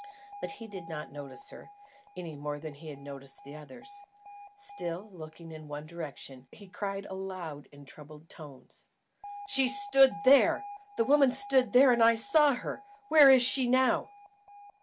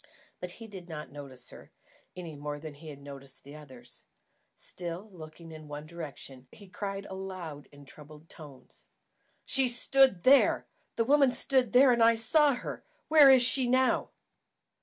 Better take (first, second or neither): second